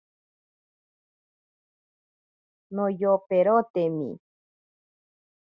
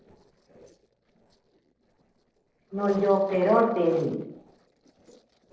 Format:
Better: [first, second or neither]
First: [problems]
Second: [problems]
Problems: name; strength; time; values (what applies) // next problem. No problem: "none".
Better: first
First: none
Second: noise reduction (neural separator model SepFormer DNS4)